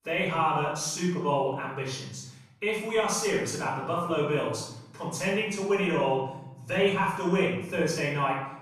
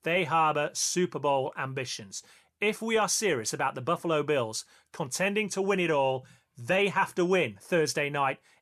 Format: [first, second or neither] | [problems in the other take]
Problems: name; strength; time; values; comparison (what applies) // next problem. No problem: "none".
second | off-mic speech; far // room echo; noticeable; dies away in 0.9 s